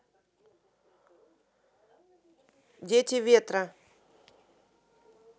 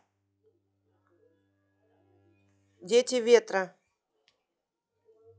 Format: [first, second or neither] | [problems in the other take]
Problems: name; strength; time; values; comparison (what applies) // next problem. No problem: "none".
first | noise reduction (classical method log-MMSE)